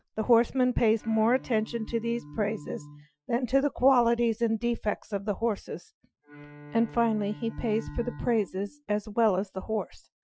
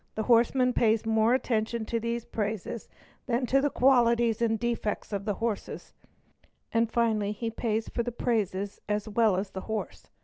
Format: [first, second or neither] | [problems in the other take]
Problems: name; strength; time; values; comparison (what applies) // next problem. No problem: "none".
second | noise reduction (classical method Wiener filter)